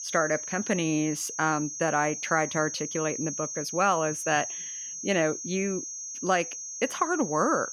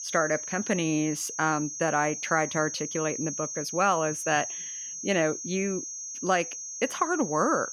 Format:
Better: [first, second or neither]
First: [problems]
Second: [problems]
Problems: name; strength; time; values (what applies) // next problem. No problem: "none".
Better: neither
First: high-pitched whine; loud; throughout; 6.5 kHz, 6 dB below the speech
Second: high-pitched whine; loud; throughout; 6.5 kHz, 6 dB below the speech